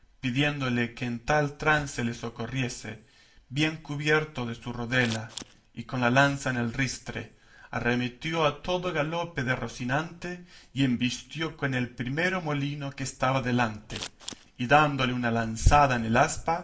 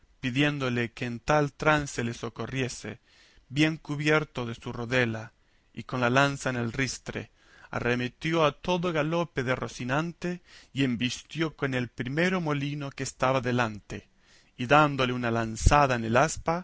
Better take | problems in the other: second | background sound (Scissors); 13 dB below the speech // room echo; dies away in 0.4 s

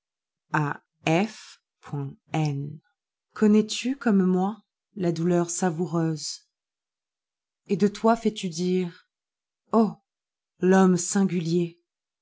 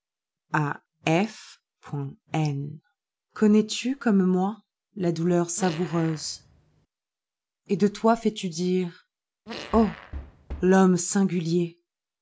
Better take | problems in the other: first | background sound (Knock + Fart); 14 dB below the speech

